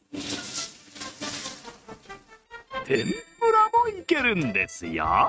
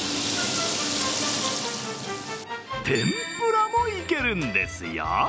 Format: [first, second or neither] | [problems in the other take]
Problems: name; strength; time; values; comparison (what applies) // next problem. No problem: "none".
second | noise reduction (neural mask model RNNoise)